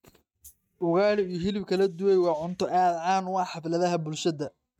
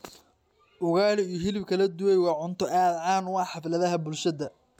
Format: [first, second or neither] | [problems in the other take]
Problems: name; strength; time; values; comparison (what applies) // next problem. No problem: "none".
second | noise reduction (neural mask model RNNoise)